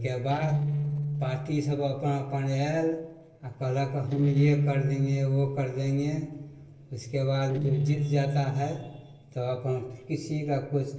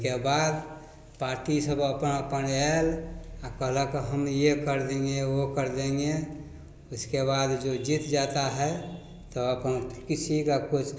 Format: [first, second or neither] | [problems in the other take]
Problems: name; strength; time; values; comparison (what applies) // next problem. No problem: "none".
second | noise reduction (neural separator model SepFormer DNS4)